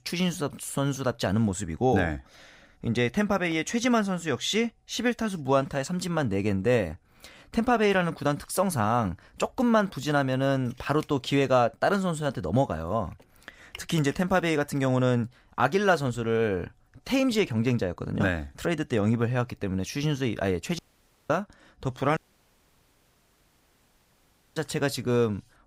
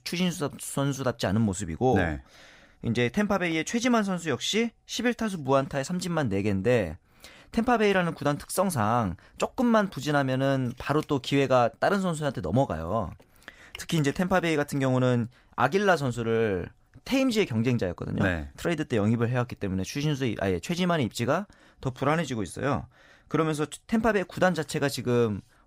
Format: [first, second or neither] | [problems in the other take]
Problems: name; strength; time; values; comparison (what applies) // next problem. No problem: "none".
second | audio cutting out; at 21 s for 0.5 s and at 22 s for 2.5 s